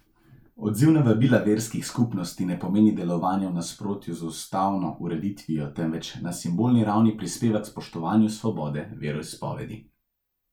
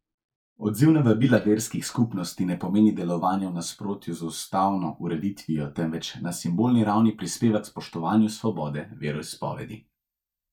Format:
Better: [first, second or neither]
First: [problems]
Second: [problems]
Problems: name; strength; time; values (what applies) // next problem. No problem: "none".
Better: first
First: none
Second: noise reduction (neural mask model DeepFilterNet 3)